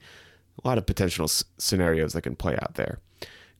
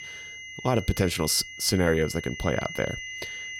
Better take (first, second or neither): first